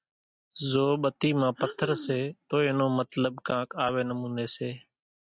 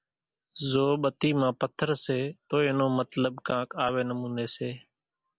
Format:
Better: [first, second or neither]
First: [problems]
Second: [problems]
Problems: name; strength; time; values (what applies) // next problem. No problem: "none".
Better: second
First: noise reduction (neural mask model RNNoise)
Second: none